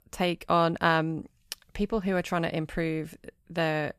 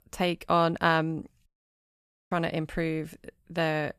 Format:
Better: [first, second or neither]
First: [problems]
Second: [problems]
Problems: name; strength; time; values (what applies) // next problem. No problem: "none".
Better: first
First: none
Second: audio cutting out; at 1.5 s for 1 s